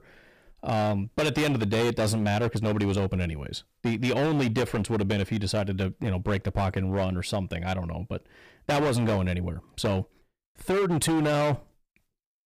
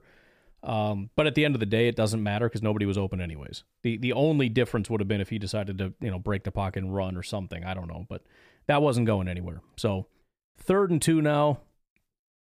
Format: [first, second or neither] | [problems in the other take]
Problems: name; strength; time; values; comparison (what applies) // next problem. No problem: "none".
second | distortion; heavy; 17% of the sound clipped